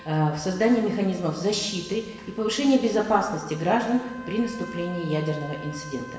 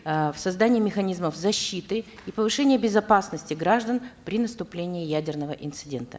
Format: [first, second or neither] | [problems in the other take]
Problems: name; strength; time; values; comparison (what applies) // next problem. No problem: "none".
second | background sound (Trumpet); 18 dB below the speech // room echo; dies away in 1.2 s